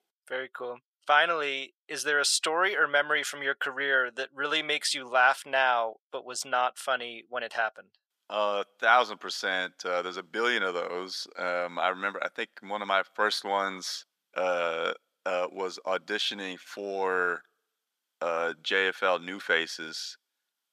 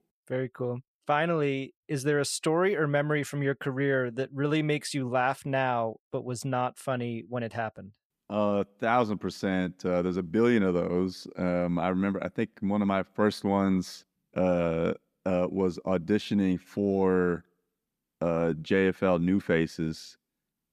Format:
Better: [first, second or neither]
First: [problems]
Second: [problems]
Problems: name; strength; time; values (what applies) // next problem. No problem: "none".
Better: second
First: thin; very; fading below 750 Hz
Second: none